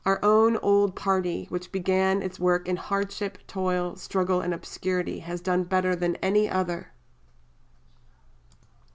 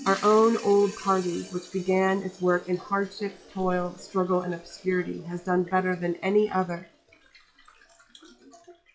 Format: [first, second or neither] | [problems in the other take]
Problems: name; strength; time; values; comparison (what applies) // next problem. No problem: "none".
first | noise reduction (classical method log-MMSE)